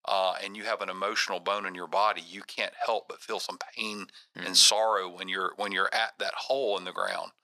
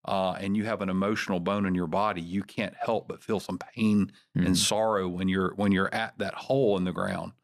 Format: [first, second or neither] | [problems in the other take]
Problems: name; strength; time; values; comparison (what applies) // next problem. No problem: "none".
second | thin; very; fading below 750 Hz